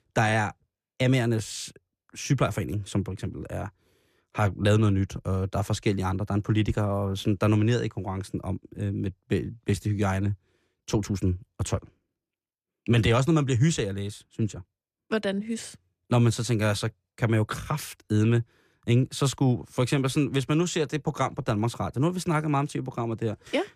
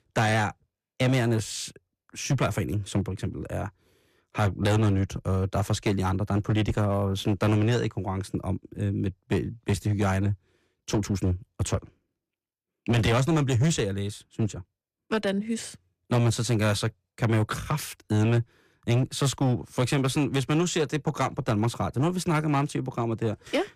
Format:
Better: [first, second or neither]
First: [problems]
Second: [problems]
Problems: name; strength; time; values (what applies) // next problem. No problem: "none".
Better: first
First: none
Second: distortion; slight; 7% of the sound clipped